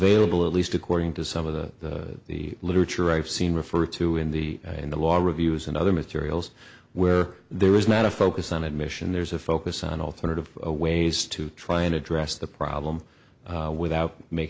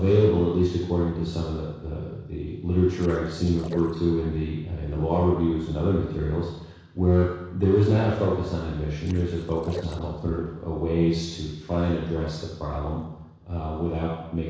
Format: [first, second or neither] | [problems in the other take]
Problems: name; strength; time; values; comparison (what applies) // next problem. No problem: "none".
first | noise reduction (neural separator model SepFormer DNS4)